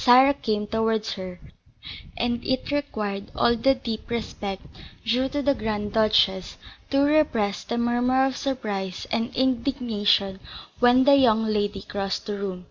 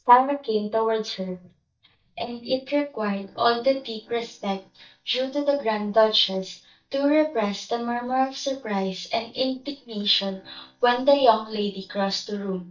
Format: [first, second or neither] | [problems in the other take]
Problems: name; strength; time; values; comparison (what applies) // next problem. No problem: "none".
first | noise reduction (neural mask model DeepFilterNet 3)